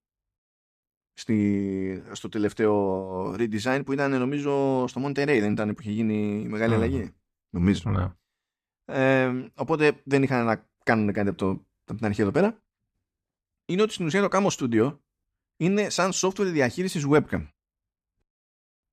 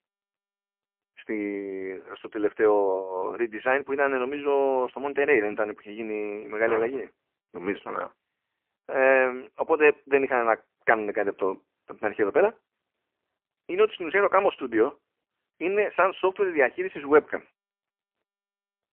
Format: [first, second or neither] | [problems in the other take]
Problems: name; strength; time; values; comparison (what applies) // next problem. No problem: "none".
first | phone-call audio; poor line